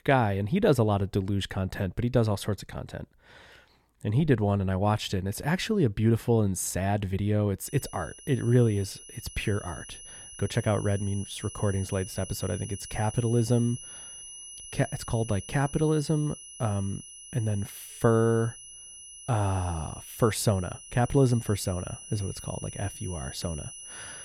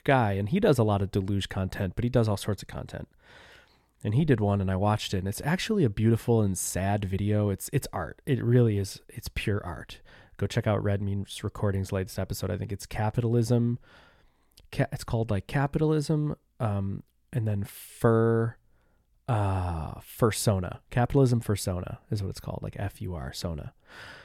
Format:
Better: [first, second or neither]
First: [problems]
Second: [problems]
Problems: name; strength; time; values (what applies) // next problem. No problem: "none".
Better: second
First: high-pitched whine; noticeable; from 7.5 s on; 10 kHz, 15 dB below the speech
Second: none